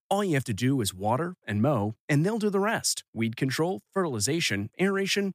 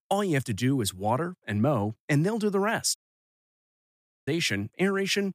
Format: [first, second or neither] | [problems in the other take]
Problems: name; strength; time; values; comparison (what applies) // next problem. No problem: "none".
first | audio cutting out; at 3 s for 1.5 s